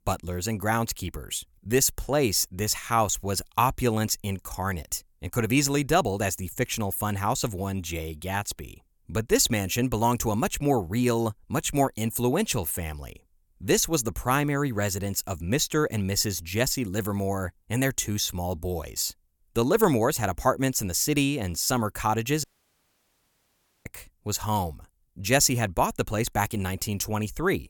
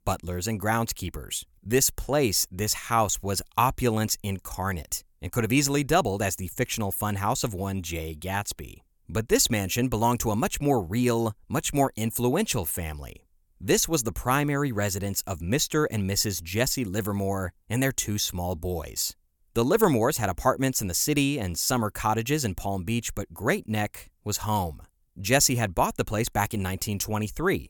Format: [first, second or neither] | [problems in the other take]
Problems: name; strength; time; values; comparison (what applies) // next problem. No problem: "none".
second | audio cutting out; at 22 s for 1.5 s